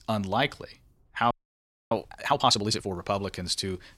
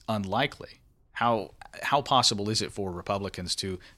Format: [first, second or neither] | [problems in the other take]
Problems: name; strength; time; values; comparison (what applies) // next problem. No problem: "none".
second | audio freezing; at 1.5 s for 0.5 s